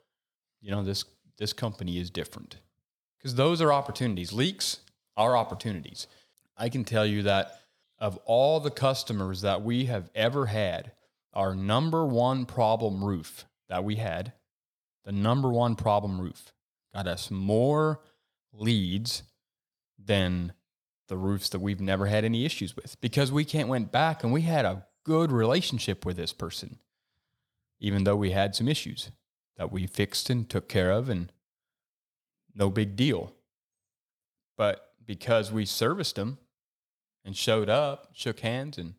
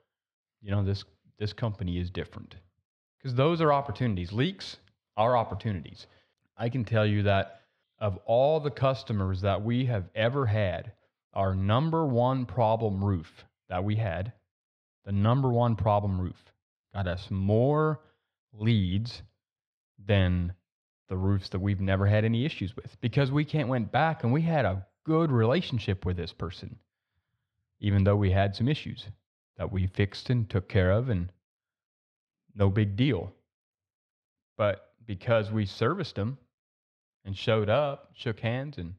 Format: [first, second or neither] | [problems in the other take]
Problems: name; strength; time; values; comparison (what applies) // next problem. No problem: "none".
first | muffled; slightly; fading above 2.5 kHz